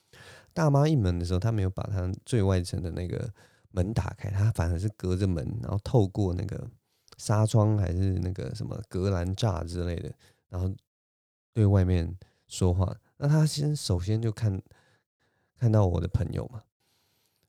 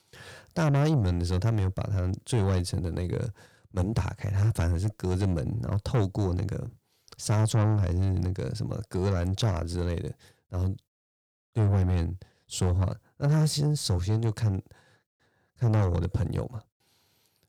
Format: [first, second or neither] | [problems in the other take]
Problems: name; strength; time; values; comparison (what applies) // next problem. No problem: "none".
first | distortion; slight; 10 dB below the speech